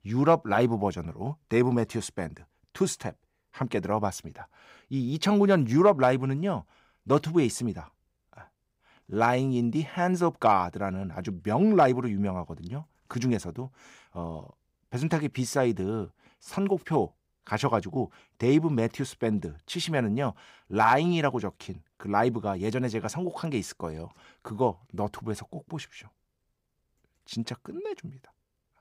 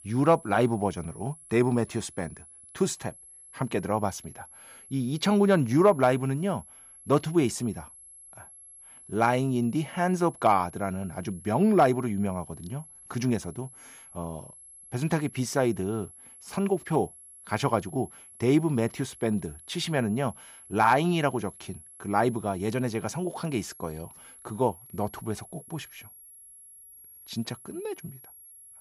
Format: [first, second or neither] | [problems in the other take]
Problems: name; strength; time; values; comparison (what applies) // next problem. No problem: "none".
first | high-pitched whine; noticeable; throughout; 11 kHz, 20 dB below the speech